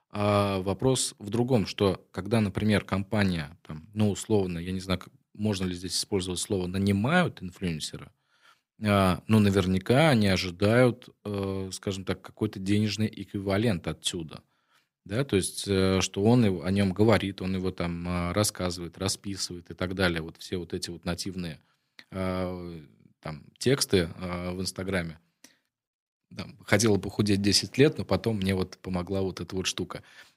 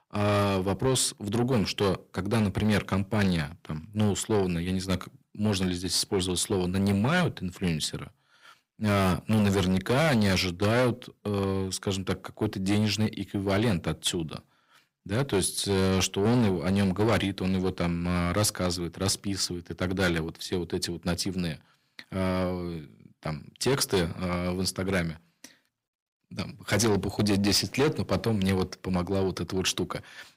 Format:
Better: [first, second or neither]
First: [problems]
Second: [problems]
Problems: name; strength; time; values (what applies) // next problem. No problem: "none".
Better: first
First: none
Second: distortion; heavy; 7 dB below the speech